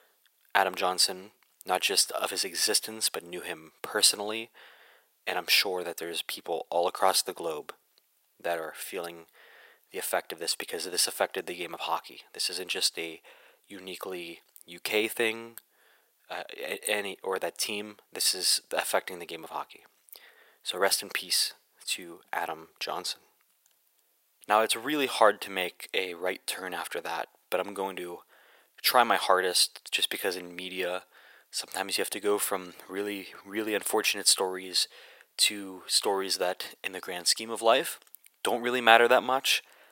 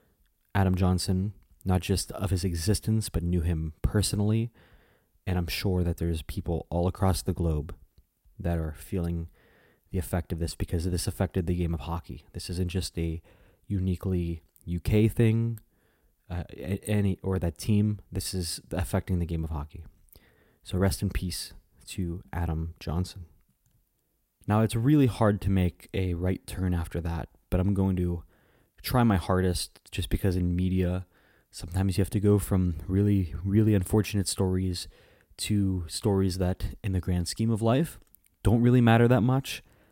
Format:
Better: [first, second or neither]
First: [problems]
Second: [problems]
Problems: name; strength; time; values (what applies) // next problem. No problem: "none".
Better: second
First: thin; very; fading below 550 Hz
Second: none